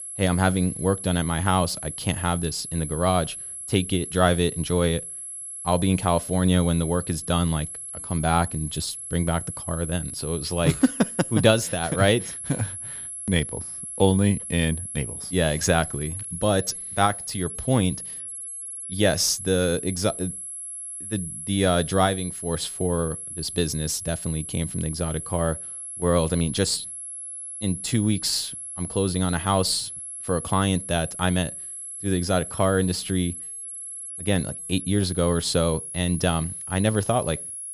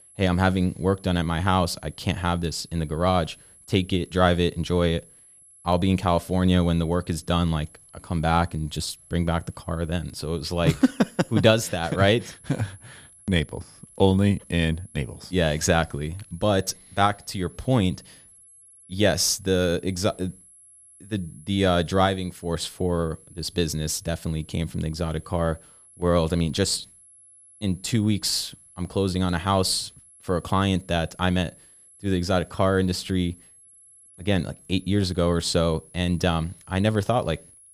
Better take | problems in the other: second | high-pitched whine; loud; throughout; 11 kHz, 8 dB below the speech; faint in the second

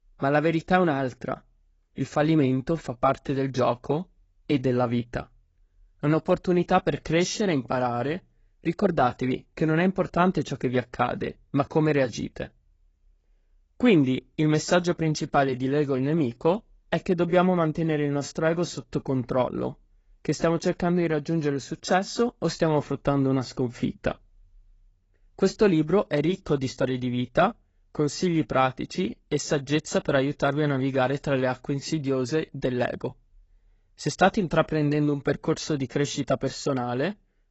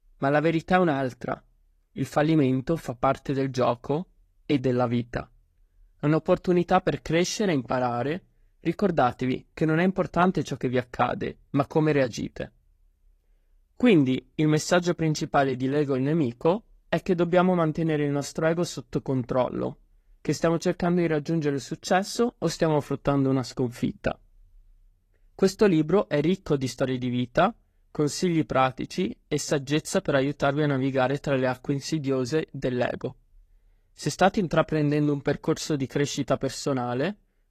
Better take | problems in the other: second | garbled, watery; badly; nothing above 7.5 kHz; slightly in the second

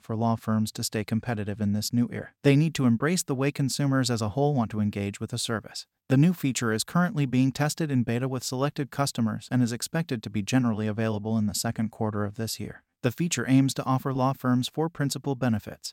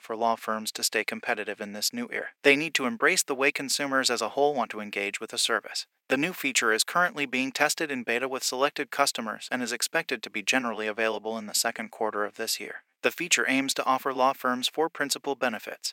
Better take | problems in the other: first | thin; very; fading below 400 Hz

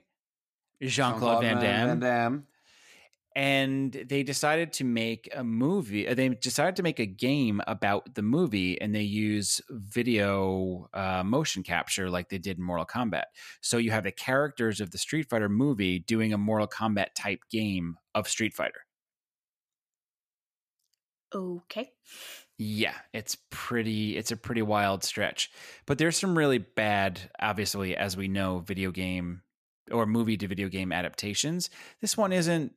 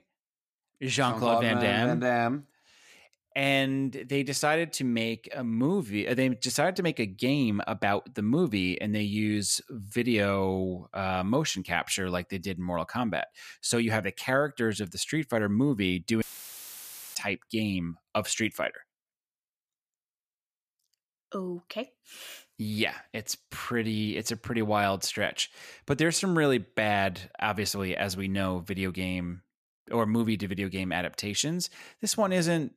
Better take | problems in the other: first | audio cutting out; filled with static; at 16 s for 1 s

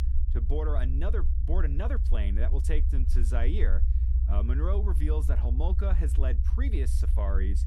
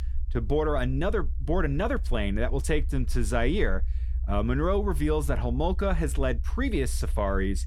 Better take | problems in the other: second | low rumble; loud; throughout; 8 dB below the speech; faint in the second

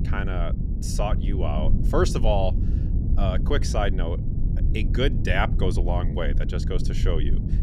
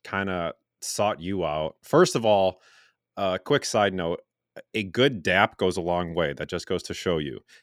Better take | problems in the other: second | low rumble; noticeable; throughout; 10 dB below the speech

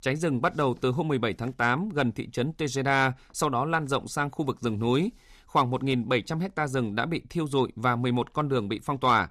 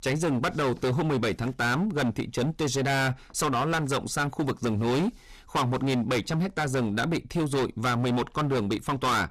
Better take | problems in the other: first | distortion; heavy; 22% of the sound clipped

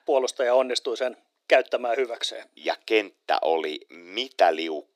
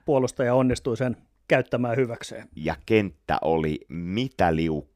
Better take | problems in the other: second | thin; very; fading below 350 Hz

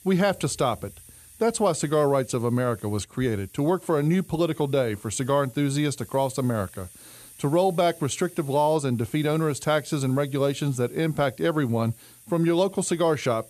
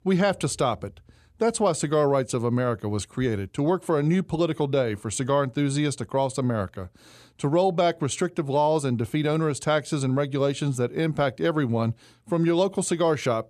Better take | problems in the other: second | hiss; faint; throughout; 20 dB below the speech

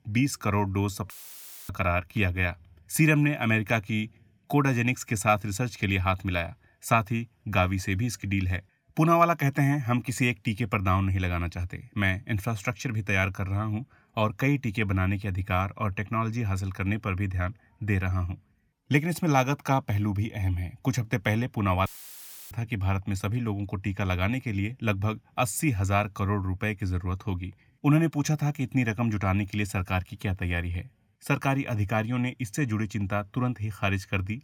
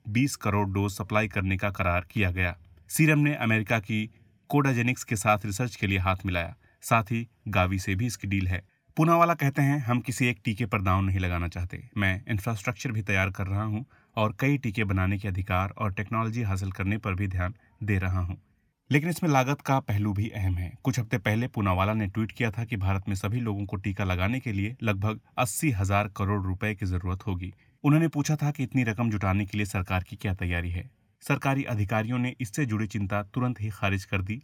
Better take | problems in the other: second | audio cutting out; filled with static; at 1 s for 0.5 s and at 22 s for 0.5 s

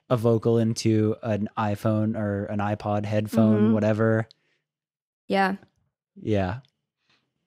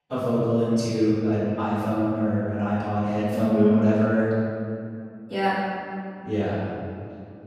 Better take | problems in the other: first | off-mic speech; far // room echo; strong; dies away in 2.1 s

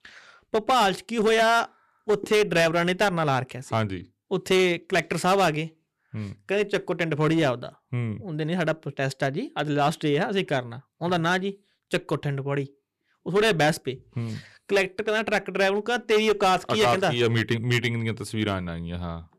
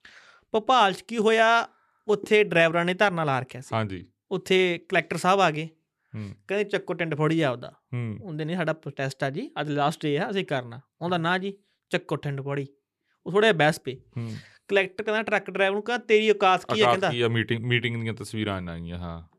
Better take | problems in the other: second | distortion; slight; 6% of the sound clipped

